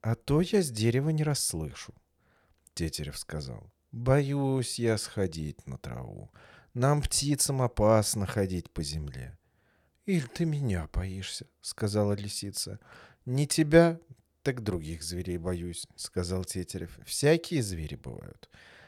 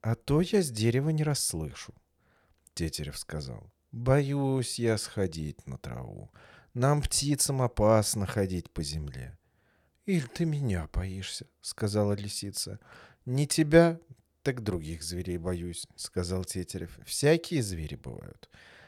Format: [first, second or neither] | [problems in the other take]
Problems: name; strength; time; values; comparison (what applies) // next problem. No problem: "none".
neither | none